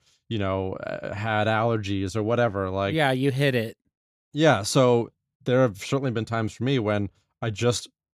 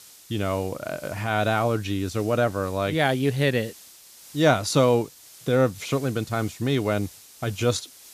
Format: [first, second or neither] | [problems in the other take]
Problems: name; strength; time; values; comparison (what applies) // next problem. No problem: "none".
first | hiss; faint; throughout; 20 dB below the speech